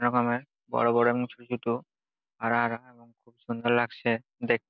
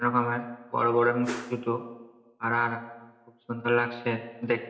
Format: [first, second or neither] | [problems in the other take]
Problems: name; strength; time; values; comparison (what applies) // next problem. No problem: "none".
first | background sound (Whoosh, swoosh, swish); 13 dB below the speech // room echo; dies away in 0.8 s